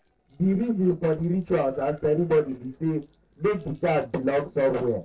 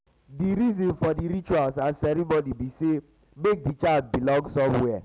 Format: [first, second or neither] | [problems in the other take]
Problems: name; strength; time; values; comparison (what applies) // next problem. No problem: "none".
second | noise reduction (neural separator model SepFormer DNS4)